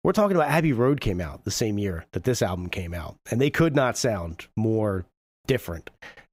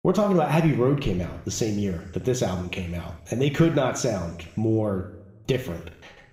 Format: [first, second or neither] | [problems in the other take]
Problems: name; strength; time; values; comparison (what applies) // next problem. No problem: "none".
first | room echo; slight; dies away in 1 s